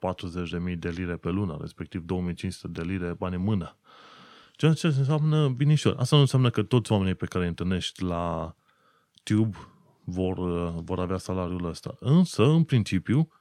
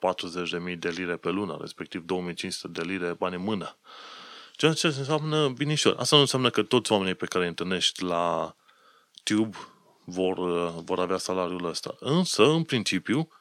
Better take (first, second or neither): first